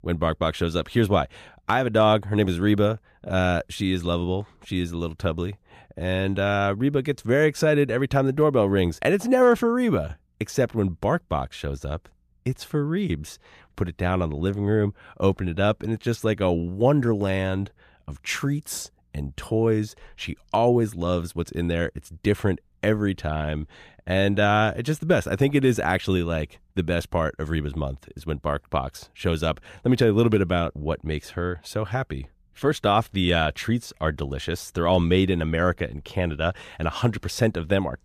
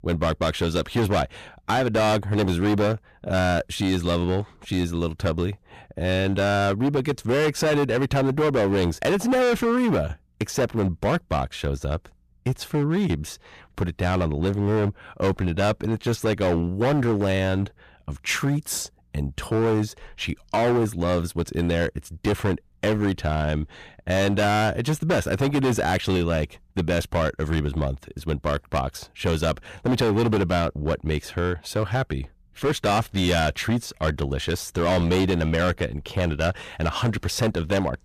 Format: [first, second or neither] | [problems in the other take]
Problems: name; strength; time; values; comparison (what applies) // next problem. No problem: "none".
first | distortion; heavy; 15% of the sound clipped